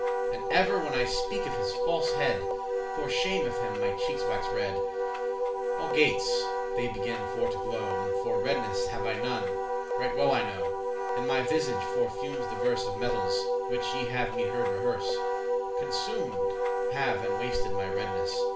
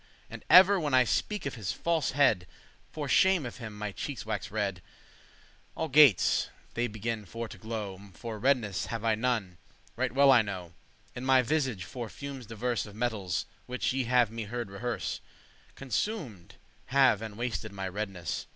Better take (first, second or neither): second